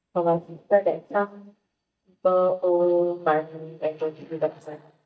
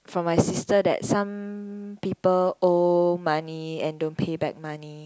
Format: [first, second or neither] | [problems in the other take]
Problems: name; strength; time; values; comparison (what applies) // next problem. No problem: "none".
second | noise reduction (neural mask model DeepFilterNet 3)